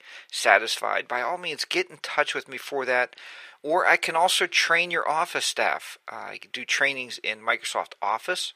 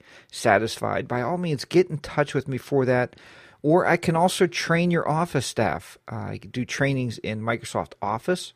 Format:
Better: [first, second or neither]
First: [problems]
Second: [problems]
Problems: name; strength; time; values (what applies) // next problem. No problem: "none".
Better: second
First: thin; very; fading below 700 Hz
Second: none